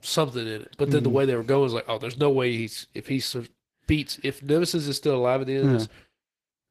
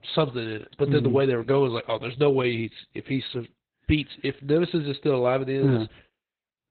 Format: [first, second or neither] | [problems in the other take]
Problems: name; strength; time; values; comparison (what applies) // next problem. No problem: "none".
first | garbled, watery; badly; nothing above 4 kHz; slightly in the first